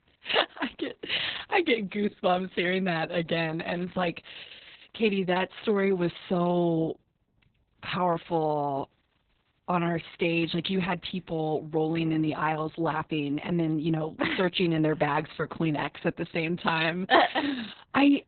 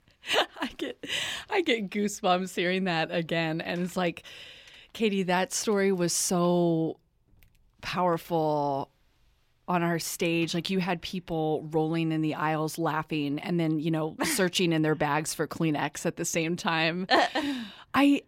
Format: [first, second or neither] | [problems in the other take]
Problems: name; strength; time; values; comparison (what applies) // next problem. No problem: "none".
second | garbled, watery; badly; nothing above 4 kHz